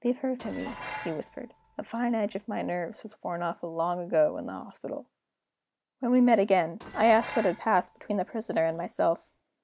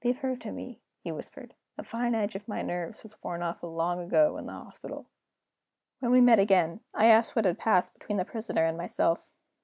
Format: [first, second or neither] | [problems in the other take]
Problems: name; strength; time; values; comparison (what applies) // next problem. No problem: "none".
second | background sound (Dishes, pots, and pans); 16 dB below the speech